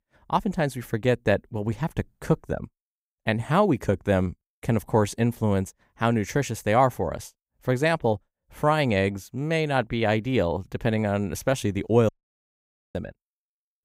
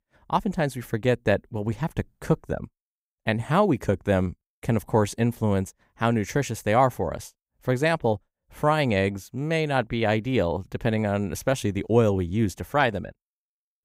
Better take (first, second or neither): second